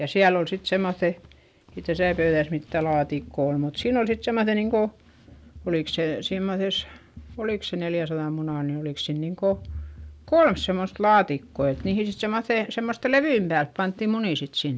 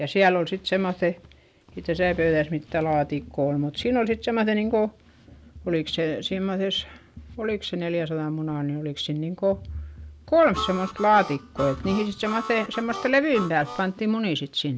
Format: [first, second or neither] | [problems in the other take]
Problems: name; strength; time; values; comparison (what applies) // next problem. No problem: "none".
first | background sound (Harmonica); 10 dB below the speech